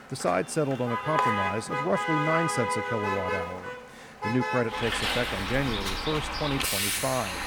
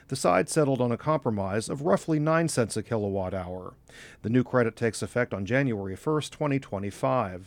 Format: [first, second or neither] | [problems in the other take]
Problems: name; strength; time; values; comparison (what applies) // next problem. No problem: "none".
second | traffic noise; very loud; throughout; 1 dB above the speech